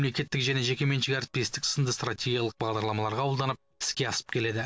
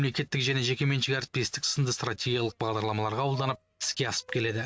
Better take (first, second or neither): first